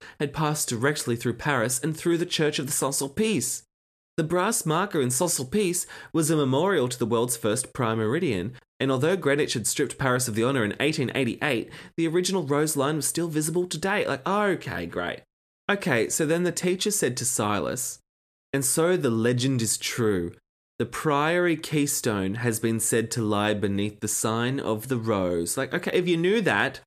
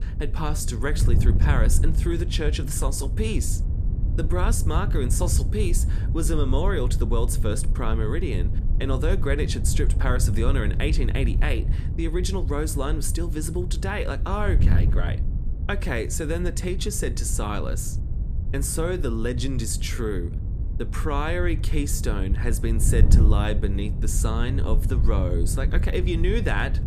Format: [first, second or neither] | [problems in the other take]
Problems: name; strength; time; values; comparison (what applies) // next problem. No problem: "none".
first | wind noise on the microphone; occasional gusts; 10 dB below the speech